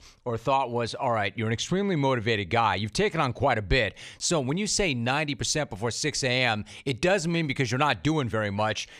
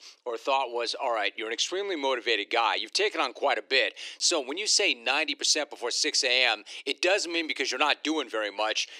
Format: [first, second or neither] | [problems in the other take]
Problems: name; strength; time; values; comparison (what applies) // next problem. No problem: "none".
first | thin; somewhat; fading below 300 Hz